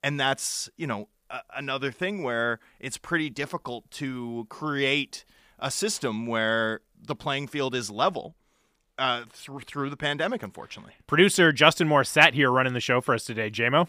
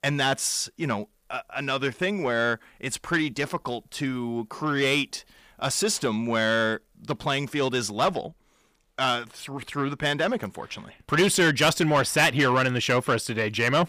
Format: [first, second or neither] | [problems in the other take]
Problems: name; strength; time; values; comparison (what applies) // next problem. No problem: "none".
first | distortion; heavy; 8 dB below the speech